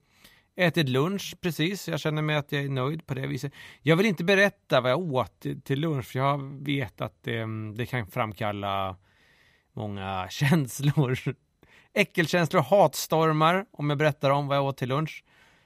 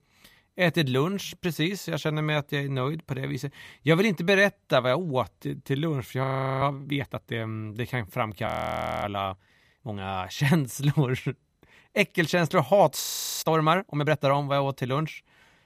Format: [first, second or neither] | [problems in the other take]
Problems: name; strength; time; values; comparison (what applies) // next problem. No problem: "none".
first | audio freezing; at 6 s, at 8.5 s for 0.5 s and at 13 s